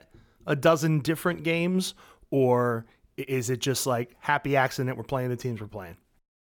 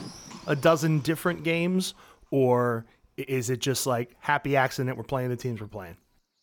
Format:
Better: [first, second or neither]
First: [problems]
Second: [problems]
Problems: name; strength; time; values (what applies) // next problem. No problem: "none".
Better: first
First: none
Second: animal sounds; faint; throughout; 20 dB below the speech